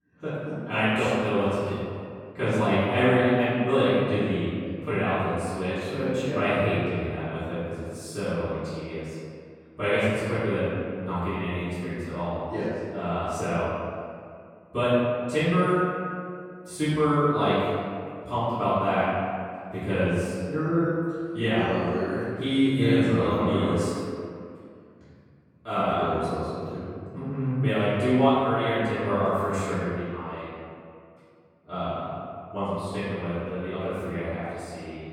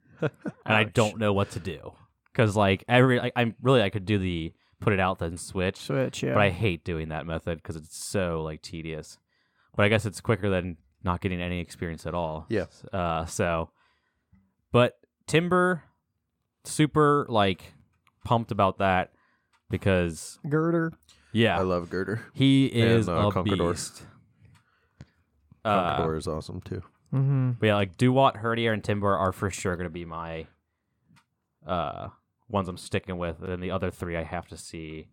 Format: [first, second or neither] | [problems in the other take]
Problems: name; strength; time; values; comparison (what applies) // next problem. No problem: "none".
second | off-mic speech; far // room echo; strong; dies away in 2 s